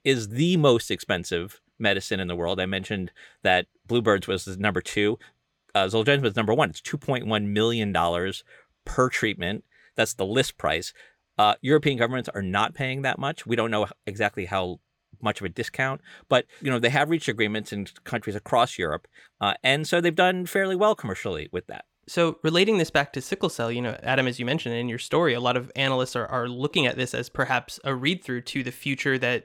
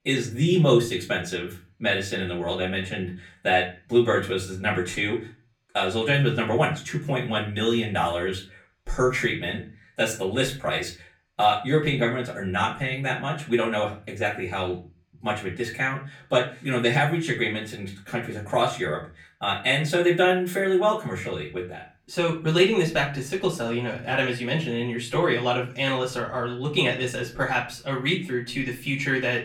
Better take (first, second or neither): first